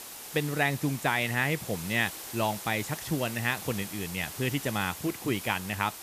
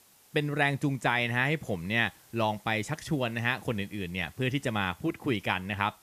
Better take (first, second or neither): second